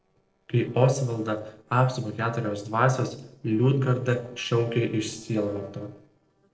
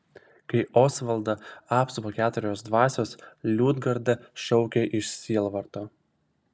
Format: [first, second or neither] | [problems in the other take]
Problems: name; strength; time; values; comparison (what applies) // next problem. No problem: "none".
second | noise reduction (neural separator model SepFormer DNS4)